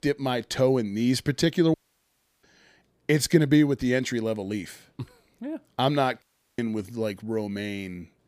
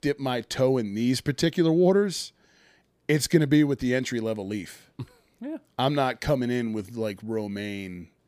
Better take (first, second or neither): second